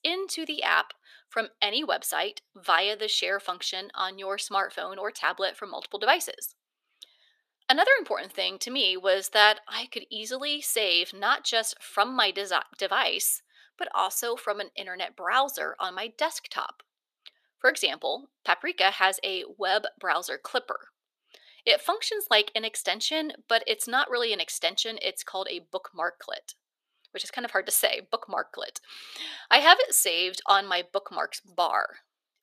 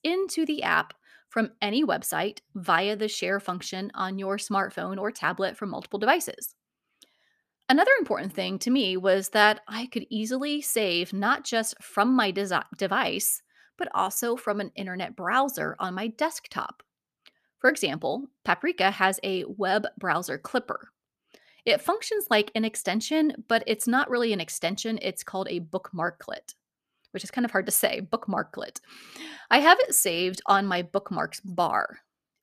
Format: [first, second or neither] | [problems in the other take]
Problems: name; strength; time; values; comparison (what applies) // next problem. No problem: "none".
second | thin; very; fading below 450 Hz